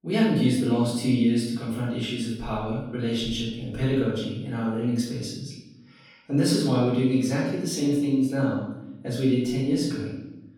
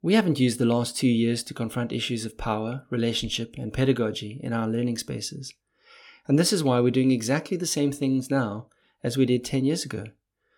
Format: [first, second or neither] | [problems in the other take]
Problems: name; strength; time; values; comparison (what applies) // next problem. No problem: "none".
second | off-mic speech; far // room echo; noticeable; dies away in 0.9 s